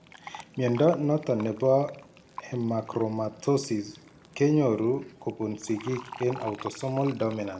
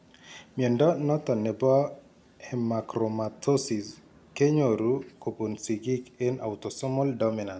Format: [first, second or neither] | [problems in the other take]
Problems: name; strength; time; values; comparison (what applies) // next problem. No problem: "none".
second | background sound (Fill (with liquid)); 19 dB below the speech // room echo; dies away in 0.5 s